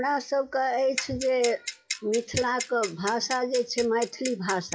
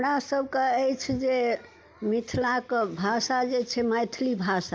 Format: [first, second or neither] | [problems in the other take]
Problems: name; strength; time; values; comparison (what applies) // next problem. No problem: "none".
second | noise reduction (classical method WPE with log-MMSE)